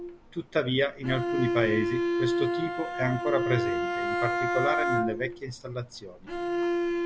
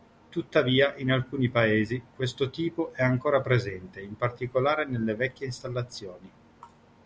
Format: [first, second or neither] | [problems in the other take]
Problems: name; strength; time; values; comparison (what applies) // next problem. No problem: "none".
second | background sound (Bowed string instrument); 2 dB above the speech